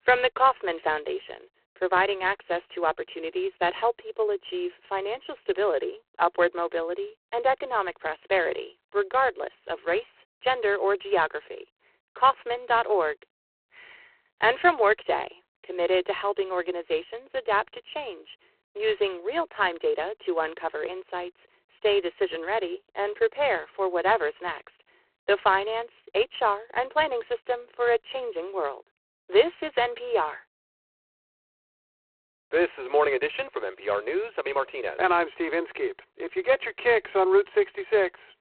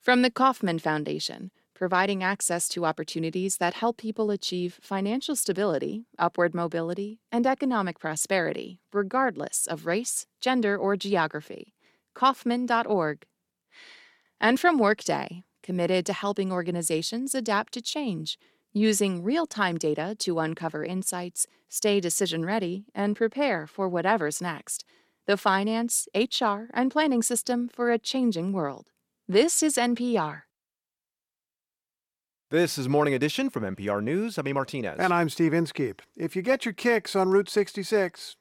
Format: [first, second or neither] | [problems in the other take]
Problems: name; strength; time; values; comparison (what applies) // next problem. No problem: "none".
second | phone-call audio; poor line; nothing above 4 kHz